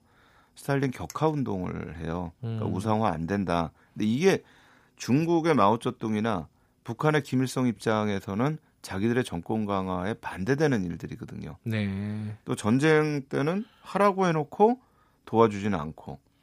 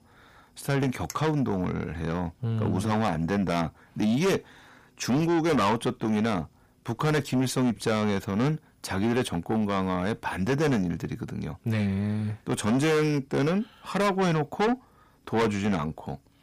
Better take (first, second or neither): first